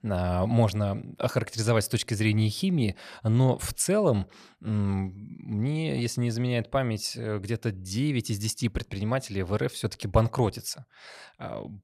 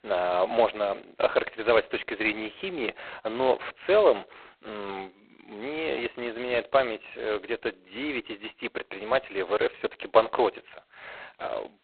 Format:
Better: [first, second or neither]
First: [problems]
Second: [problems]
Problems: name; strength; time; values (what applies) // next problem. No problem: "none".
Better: first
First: none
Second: phone-call audio; poor line; nothing above 4 kHz